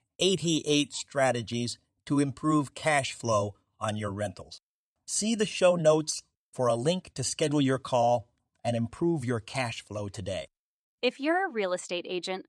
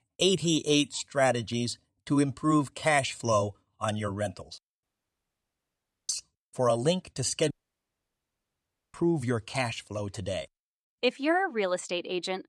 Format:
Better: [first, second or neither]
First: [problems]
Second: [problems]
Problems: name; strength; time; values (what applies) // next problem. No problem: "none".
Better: first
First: none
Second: audio cutting out; at 5 s for 1.5 s and at 7.5 s for 1.5 s